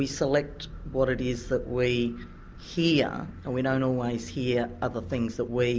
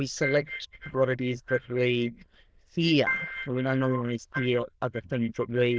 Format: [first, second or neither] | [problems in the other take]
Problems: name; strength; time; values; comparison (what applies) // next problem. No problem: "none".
first | noise reduction (neural diffusion model UNIVERSE++)